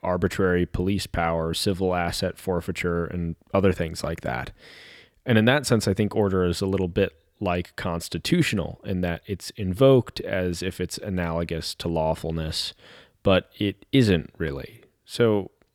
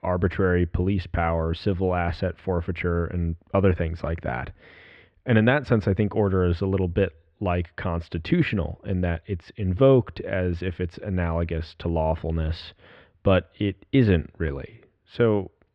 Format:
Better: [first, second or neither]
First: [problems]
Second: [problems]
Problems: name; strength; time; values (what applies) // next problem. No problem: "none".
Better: first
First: none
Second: muffled; very; fading above 2.5 kHz